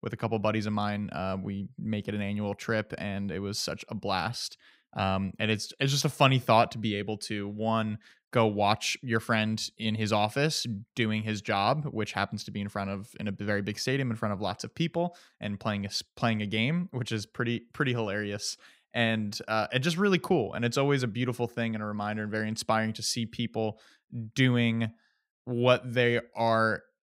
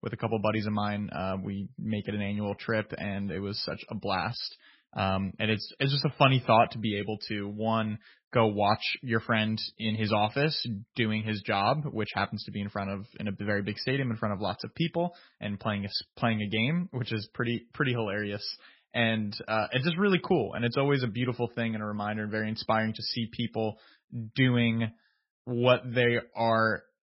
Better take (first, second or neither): first